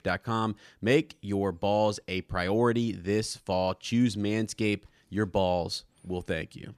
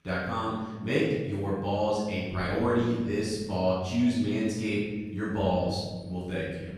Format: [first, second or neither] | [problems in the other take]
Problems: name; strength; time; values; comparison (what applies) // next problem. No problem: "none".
first | off-mic speech; far // room echo; strong; dies away in 1.4 s